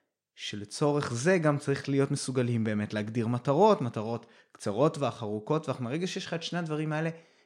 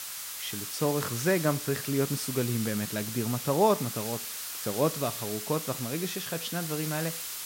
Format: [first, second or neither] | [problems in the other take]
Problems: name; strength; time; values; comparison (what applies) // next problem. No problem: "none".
first | hiss; loud; throughout; 4 dB below the speech